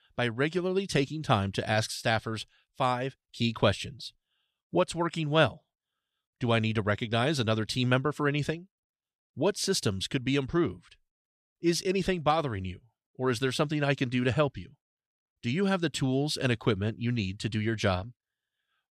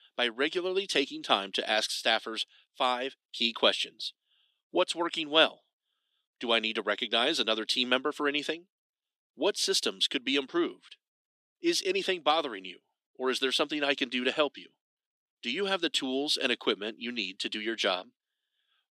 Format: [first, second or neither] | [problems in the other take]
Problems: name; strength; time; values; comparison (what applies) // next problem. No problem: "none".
first | thin; somewhat; fading below 250 Hz